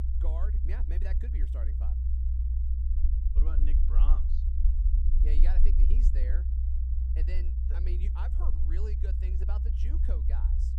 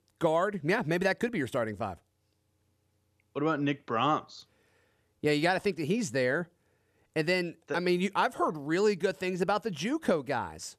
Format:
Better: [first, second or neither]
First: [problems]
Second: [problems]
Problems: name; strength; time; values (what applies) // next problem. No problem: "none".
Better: second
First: low rumble; loud; throughout; 1 dB below the speech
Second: none